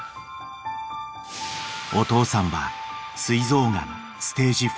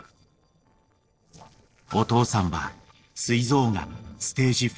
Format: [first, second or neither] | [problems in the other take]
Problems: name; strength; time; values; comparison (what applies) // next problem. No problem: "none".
first | noise reduction (neural separator model SepFormer DNS4)